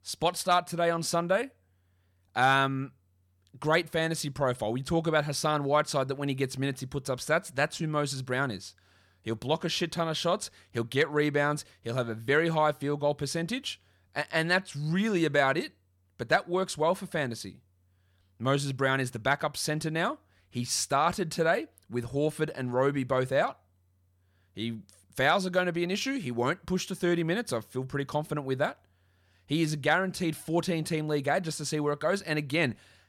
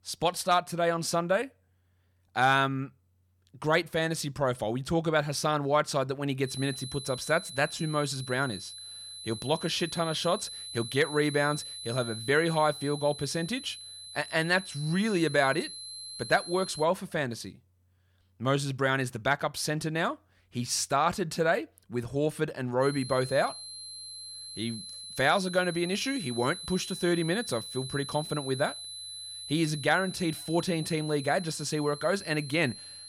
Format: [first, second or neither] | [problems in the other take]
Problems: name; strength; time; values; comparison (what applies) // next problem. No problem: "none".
first | high-pitched whine; noticeable; from 6.5 to 17 s and from 23 s on; 4 kHz, 10 dB below the speech